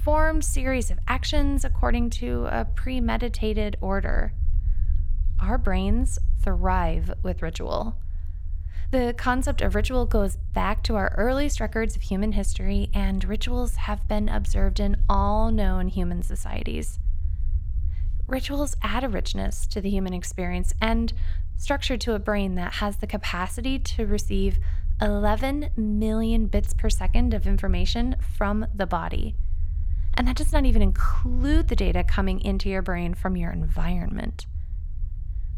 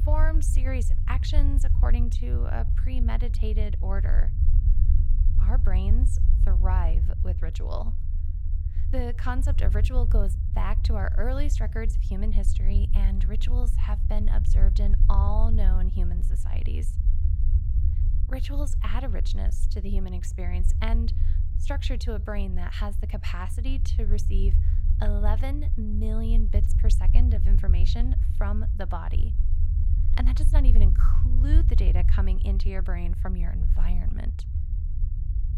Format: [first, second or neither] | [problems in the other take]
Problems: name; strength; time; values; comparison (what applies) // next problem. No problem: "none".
first | low rumble; loud; throughout; 7 dB below the speech; faint in the first